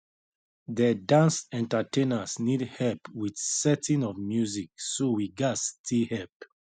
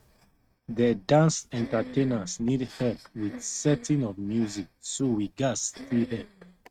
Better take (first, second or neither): first